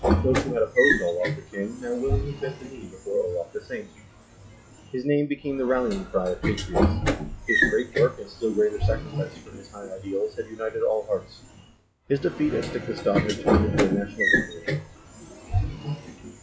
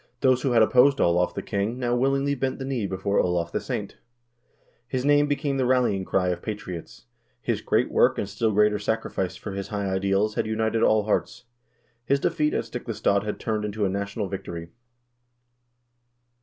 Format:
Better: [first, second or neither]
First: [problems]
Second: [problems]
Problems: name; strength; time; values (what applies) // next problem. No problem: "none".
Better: second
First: noise reduction (classical method log-MMSE)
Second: none